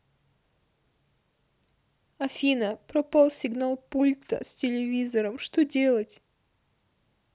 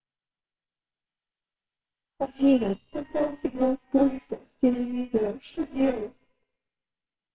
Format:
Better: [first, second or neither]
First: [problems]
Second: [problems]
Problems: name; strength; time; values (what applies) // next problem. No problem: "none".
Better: first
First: none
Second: noise reduction (neural separator model SepFormer WHAMR!)